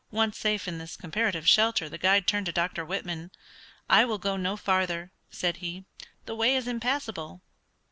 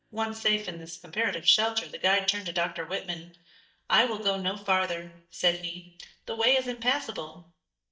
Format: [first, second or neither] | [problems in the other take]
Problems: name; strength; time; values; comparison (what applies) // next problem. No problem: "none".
first | noise reduction (neural mask model DeepFilterNet 3)